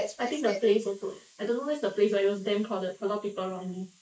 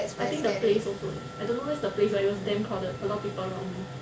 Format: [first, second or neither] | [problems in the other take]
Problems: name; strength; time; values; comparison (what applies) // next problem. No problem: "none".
second | noise reduction (neural mask model Resemble Enhance denoiser)